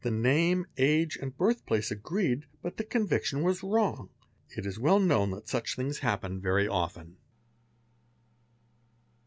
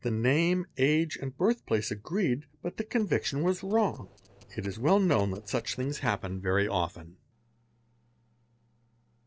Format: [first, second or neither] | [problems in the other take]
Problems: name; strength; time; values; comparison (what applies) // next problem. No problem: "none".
first | noise reduction (neural separator model SepFormer DNS4)